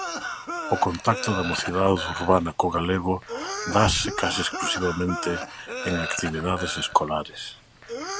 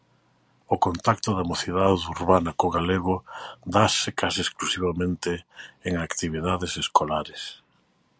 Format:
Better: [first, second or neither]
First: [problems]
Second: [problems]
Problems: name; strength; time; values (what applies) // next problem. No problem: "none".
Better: second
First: background sound (Cough); 7 dB below the speech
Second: none